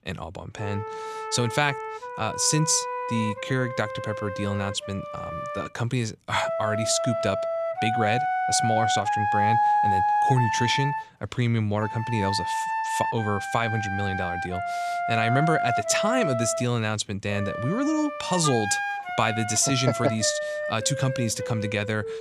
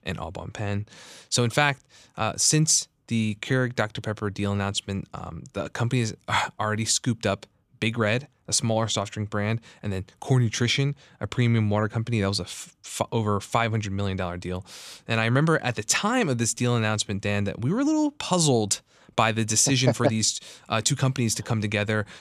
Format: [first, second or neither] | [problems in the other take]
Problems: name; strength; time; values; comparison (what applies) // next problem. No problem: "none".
second | background music; loud; throughout; 1 dB below the speech